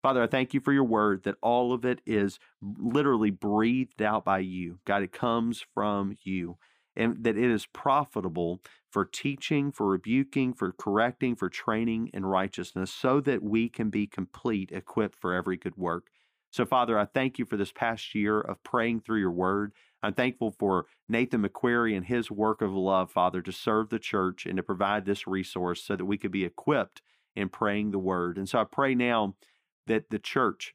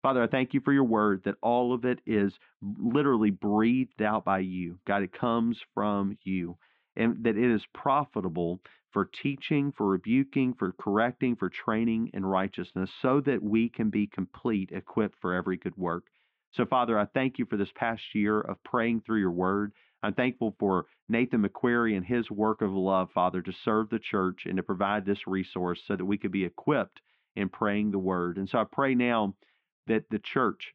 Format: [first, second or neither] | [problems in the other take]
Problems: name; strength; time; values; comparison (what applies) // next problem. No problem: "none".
first | muffled; slightly; fading above 3.5 kHz